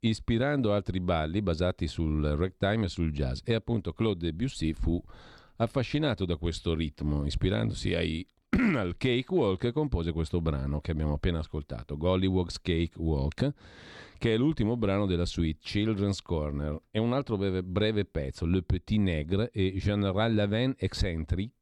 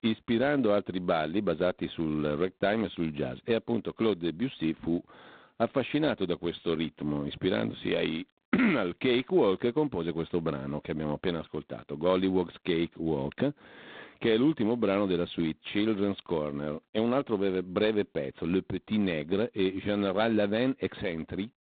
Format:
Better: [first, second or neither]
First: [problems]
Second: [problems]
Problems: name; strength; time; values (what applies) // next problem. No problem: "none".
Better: first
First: none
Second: phone-call audio; poor line; nothing above 4 kHz